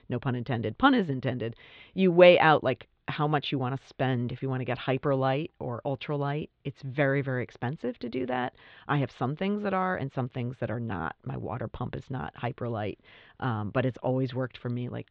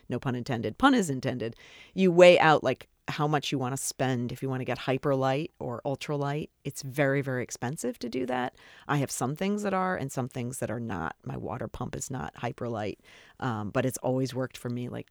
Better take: second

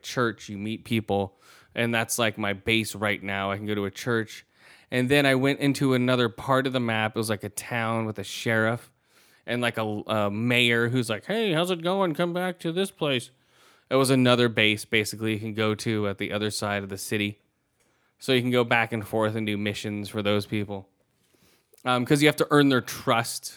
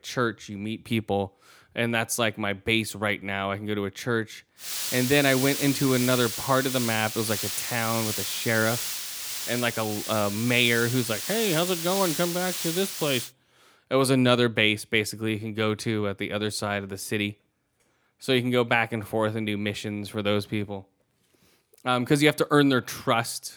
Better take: first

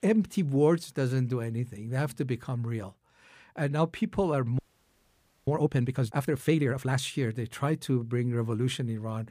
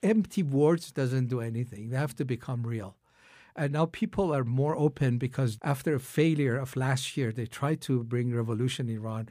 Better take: second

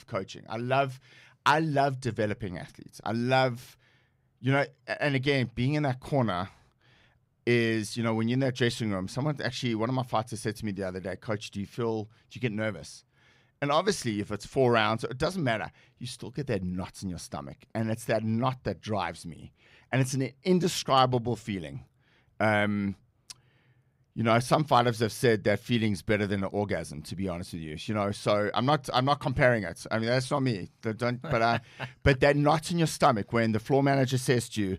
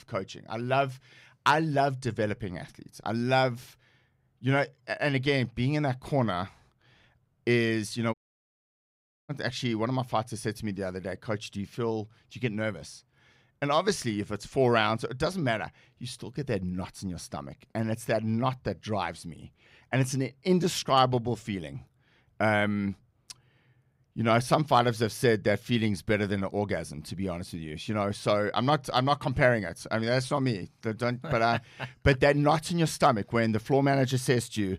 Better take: first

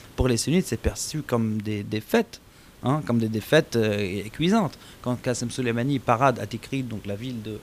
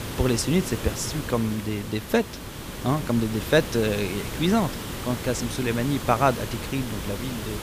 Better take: first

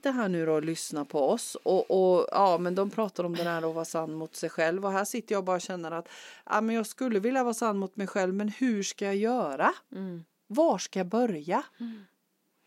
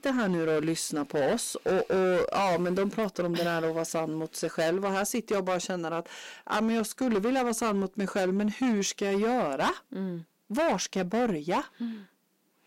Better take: first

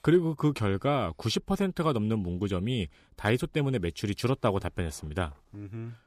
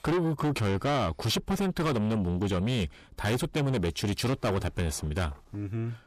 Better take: first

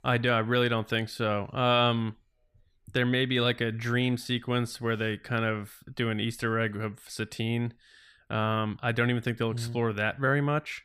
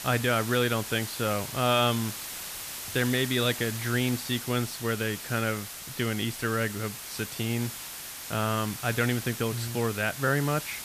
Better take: first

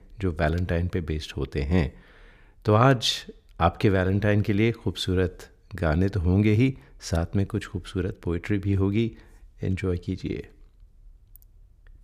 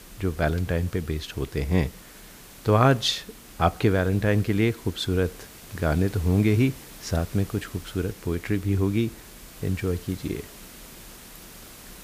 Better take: first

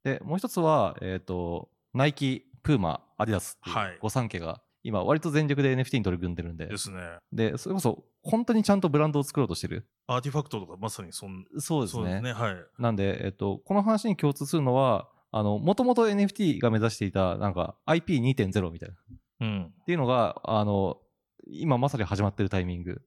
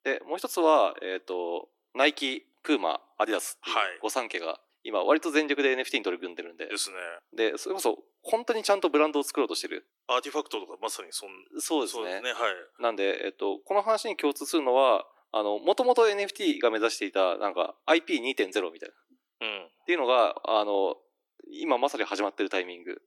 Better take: first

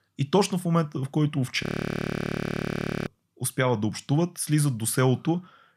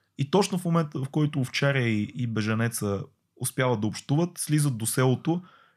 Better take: second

